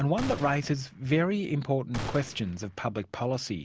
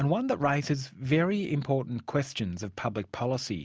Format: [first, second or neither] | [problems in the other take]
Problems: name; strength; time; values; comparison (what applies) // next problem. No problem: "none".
second | background sound (Gunshot, gunfire); 12 dB below the speech